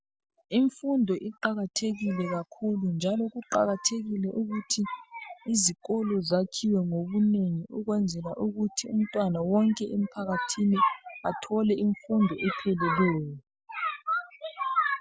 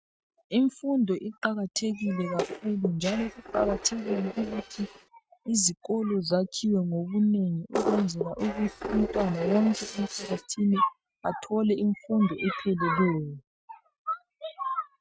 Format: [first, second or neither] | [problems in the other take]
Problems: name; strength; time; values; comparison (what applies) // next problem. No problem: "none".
first | noise reduction (neural mask model RNNoise)